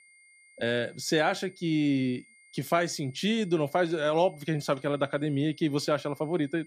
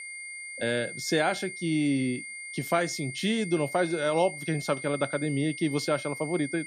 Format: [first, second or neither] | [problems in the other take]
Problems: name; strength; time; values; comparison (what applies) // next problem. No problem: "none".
first | high-pitched whine; loud; throughout; 2 kHz, 9 dB below the speech; faint in the first